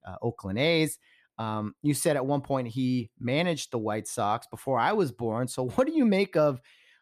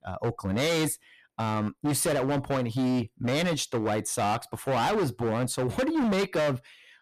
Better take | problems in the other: first | distortion; heavy; 23% of the sound clipped

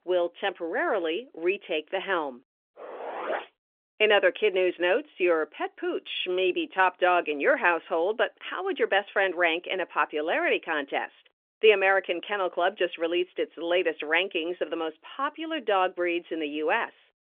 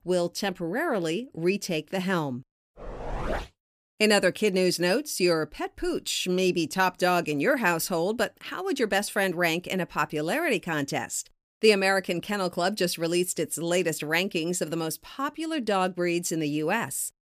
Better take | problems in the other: second | phone-call audio; nothing above 3.5 kHz

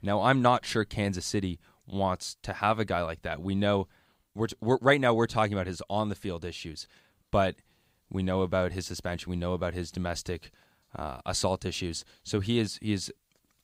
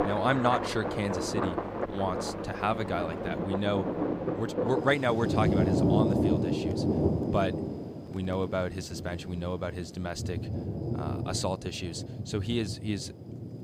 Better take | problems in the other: first | rain or running water; very loud; throughout; 1 dB above the speech

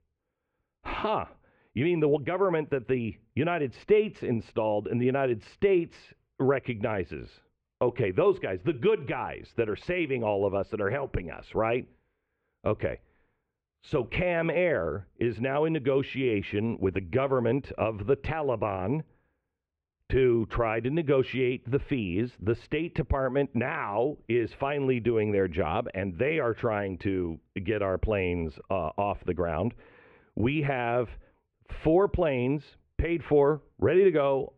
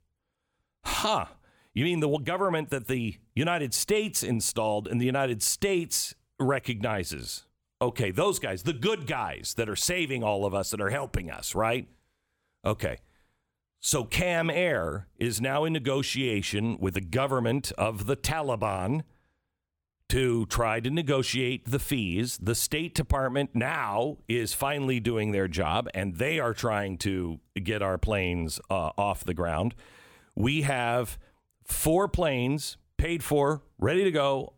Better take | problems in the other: second | muffled; very; fading above 2.5 kHz

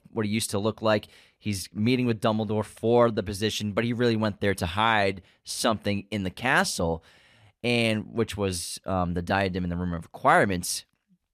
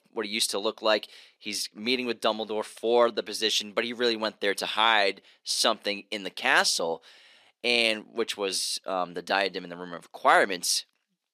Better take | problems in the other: first | thin; somewhat; fading below 300 Hz

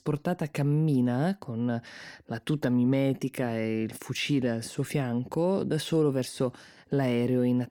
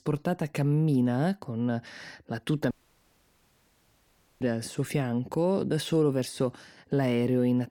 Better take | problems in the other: first | audio cutting out; at 2.5 s for 1.5 s

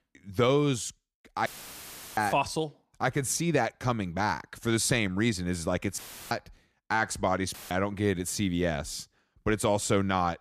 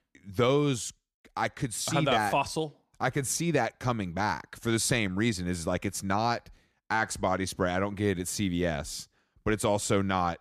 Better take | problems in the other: second | audio cutting out; filled with static; at 1.5 s for 0.5 s, at 6 s and at 7.5 s

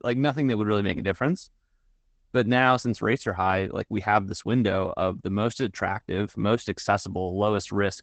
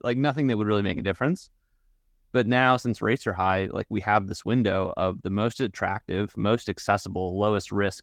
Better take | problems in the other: second | garbled, watery; badly; nothing above 8 kHz; slightly in the second

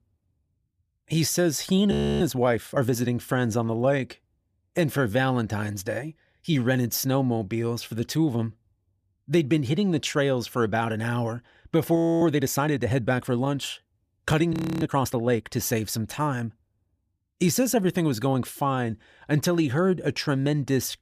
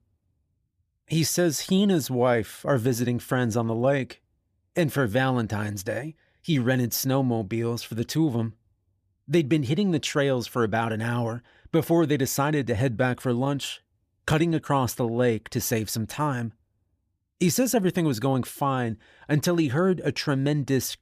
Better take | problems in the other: second | audio freezing; at 2 s, at 12 s and at 15 s

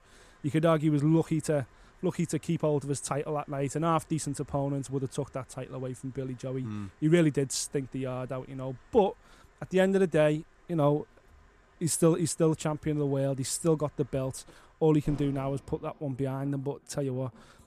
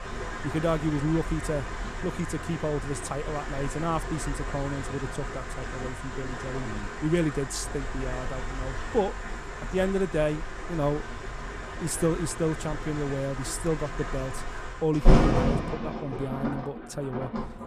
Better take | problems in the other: first | rain or running water; loud; throughout; 2 dB below the speech; faint in the first

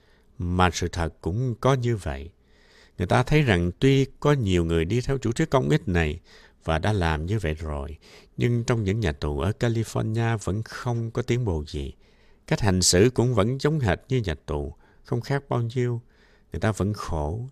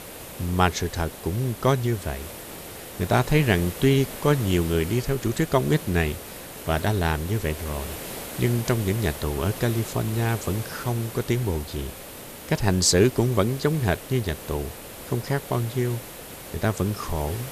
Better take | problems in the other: first | hiss; noticeable; throughout; 10 dB below the speech

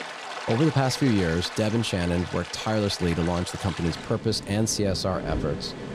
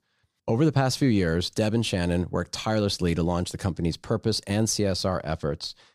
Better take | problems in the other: second | rain or running water; loud; throughout; 10 dB below the speech

